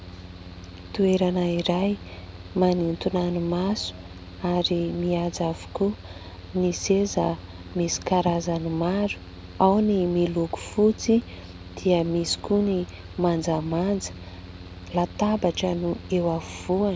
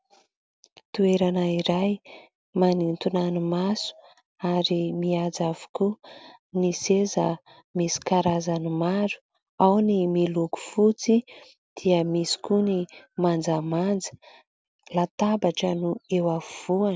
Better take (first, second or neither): second